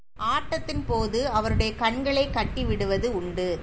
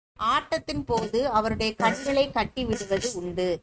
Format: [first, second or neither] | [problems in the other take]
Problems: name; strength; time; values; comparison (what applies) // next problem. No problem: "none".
first | noise reduction (neural mask model RNNoise)